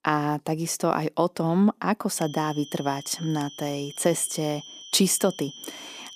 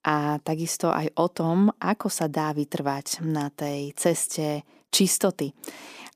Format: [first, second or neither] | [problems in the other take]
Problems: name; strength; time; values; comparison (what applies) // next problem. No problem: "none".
second | high-pitched whine; noticeable; from 2 s on; 3 kHz, 15 dB below the speech